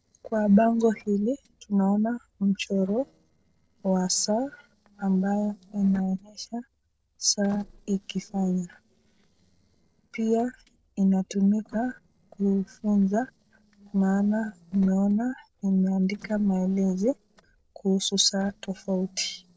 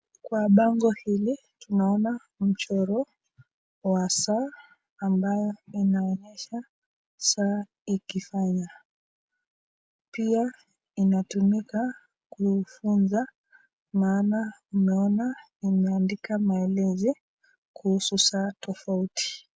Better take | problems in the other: second | noise reduction (neural separator model SepFormer DNS4)

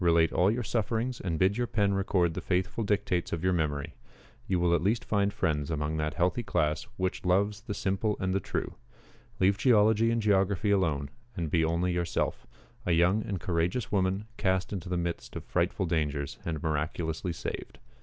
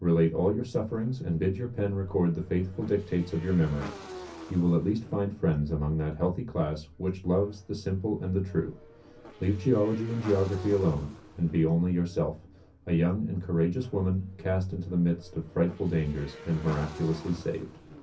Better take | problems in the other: first | background sound (Motorcycle / Engine); 19 dB below the speech // room echo; dies away in 0.3 s

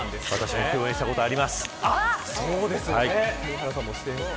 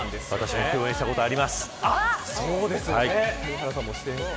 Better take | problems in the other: second | background sound (Crumpling, crinkling / Tearing + Trumpet); 16 dB below the speech

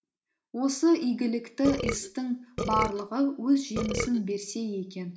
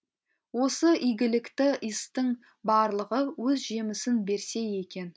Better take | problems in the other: second | background sound (Burping, eructation); 4 dB below the speech // room echo; dies away in 0.4 s

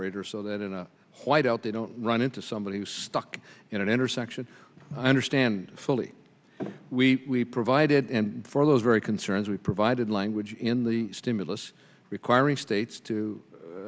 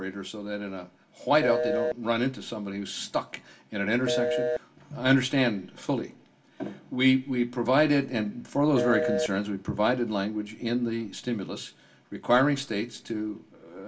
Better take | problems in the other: first | background sound (Telephone); 1 dB below the speech // room echo; dies away in 0.2 s

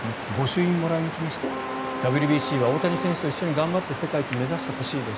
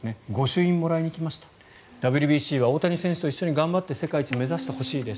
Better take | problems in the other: second | background sound (Waves, surf + Keyboard (musical)); 6 dB below the speech

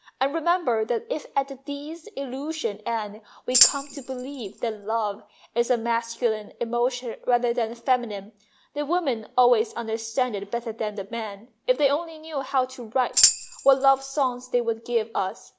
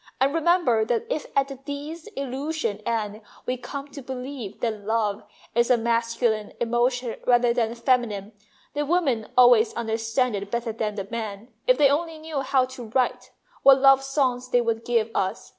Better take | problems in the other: second | background sound (Tambourine); as loud as the speech

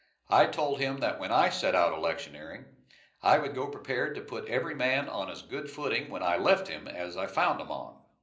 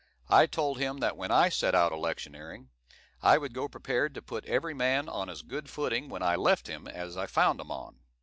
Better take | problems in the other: second | room echo; dies away in 0.5 s

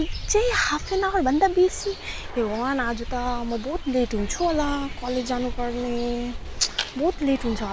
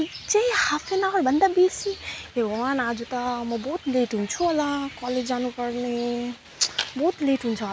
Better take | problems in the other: second | background sound (Fixed-wing aircraft, airplane); 8 dB below the speech

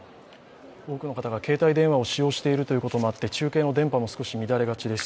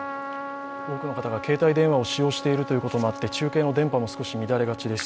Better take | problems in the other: first | background sound (Trumpet); 11 dB below the speech

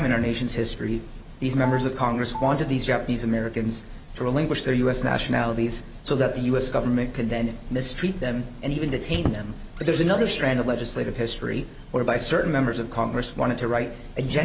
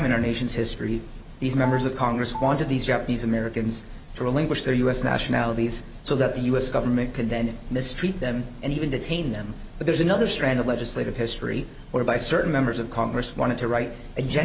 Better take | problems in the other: second | background sound (Squeak); 11 dB below the speech

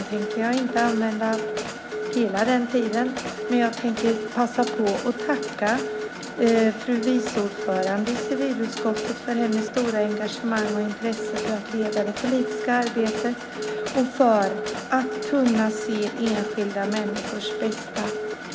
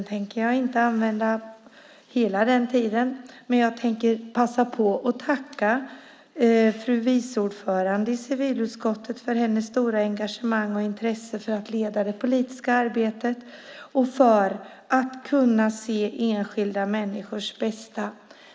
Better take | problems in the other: second | background sound (Mechanisms + Telephone); 6 dB below the speech

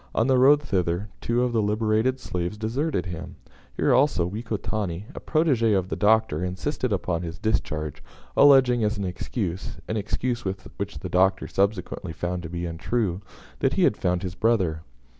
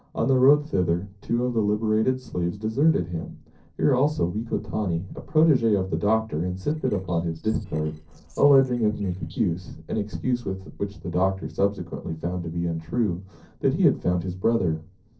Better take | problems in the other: first | noise reduction (neural separator model SepFormer DNS4)

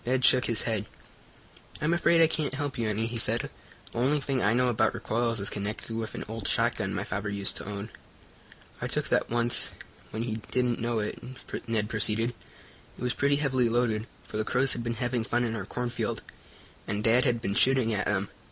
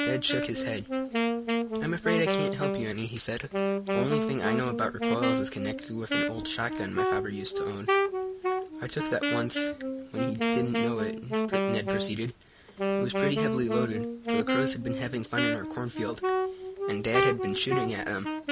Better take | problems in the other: first | background sound (Wind instrument, woodwind instrument); 3 dB above the speech

